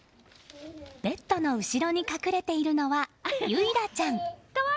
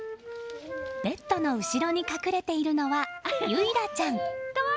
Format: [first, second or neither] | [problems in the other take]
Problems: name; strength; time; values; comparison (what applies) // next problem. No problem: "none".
first | background sound (Wind instrument, woodwind instrument); 9 dB below the speech